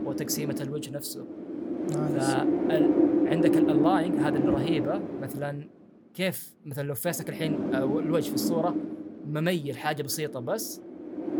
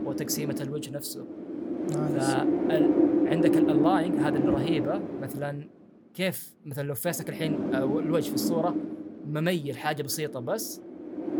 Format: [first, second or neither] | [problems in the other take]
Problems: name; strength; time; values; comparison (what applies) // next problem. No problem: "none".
neither | wind noise on the microphone; heavy; 2 dB above the speech; the same in both